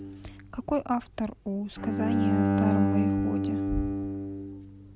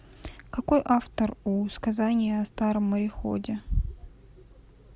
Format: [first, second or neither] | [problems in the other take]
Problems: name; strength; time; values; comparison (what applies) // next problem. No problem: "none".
second | background sound (Bowed string instrument); 4 dB above the speech